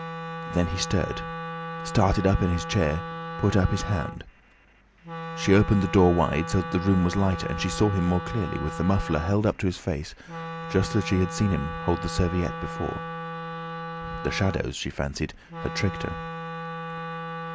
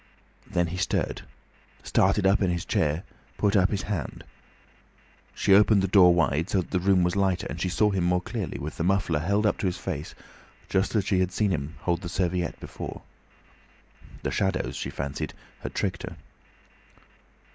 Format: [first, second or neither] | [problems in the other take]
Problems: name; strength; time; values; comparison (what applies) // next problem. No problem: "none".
second | background sound (Wind instrument, woodwind instrument); 9 dB below the speech